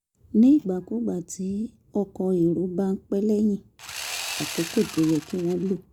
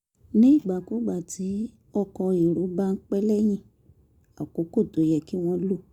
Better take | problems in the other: second | background sound (Sawing); 11 dB below the speech

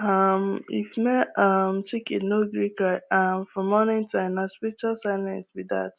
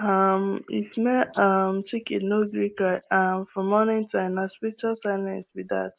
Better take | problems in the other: first | noise reduction (neural mask model Resemble Enhance denoiser)

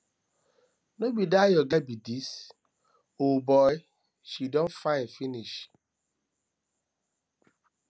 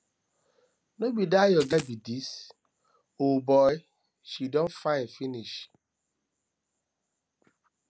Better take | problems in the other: first | background sound (Coin (dropping)); 13 dB below the speech

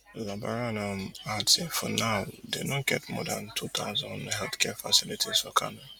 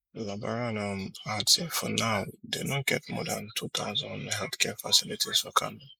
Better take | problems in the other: first | noise reduction (neural mask model Resemble Enhance denoiser)

